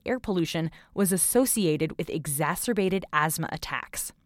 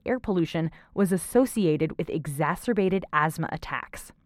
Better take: first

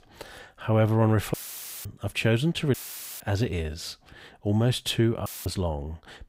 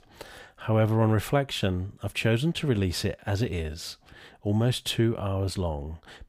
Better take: second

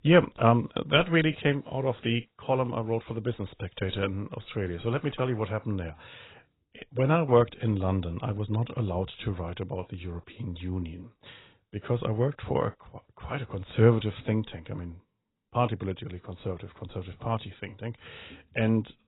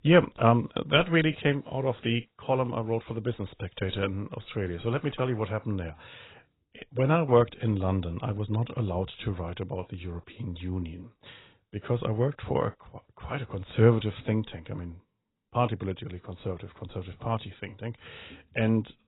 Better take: neither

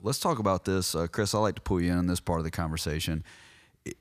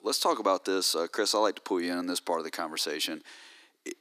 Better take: first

